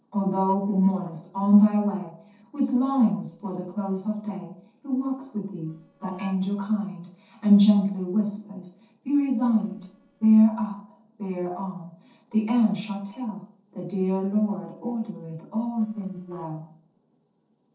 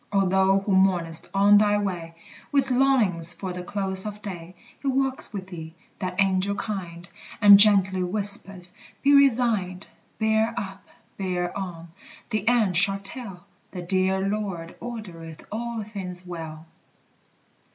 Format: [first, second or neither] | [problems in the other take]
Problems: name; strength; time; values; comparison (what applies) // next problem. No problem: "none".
second | noise reduction (neural separator model SepFormer DNS4)